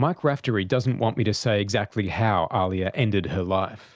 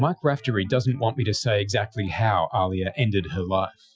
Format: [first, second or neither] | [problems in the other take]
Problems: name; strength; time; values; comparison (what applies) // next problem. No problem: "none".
first | noise reduction (classical method Wiener filter)